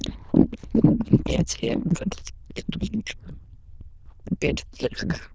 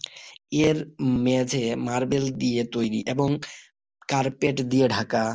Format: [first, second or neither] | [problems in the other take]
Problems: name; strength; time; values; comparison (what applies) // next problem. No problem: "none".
second | noise reduction (neural diffusion model UNIVERSE++)